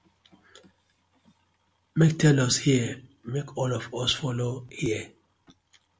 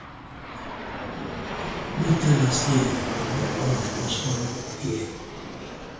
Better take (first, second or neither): first